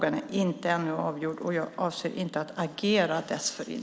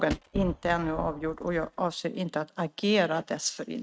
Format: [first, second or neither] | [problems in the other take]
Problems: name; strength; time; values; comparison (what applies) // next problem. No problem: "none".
first | noise reduction (neural mask model RNNoise)